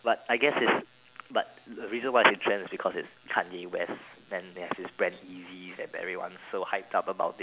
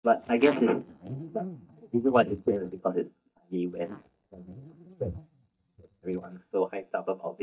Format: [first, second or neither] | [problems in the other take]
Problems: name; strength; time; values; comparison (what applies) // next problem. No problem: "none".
first | noise reduction (neural mask model DeepFilterNet 3)